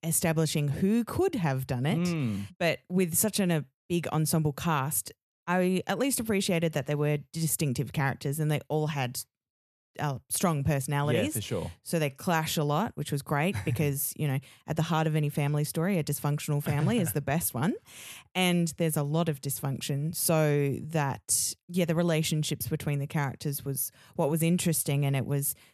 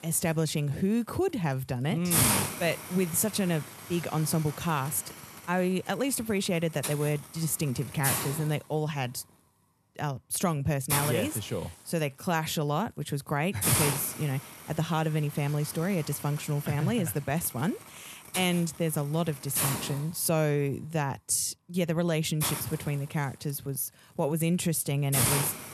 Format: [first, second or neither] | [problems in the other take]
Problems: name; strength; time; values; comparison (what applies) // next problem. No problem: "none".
first | hiss; loud; throughout; 1 dB below the speech